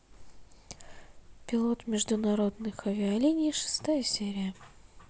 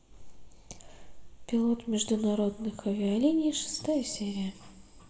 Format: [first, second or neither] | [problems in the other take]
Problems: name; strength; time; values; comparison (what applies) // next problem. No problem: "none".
first | room echo; dies away in 2.7 s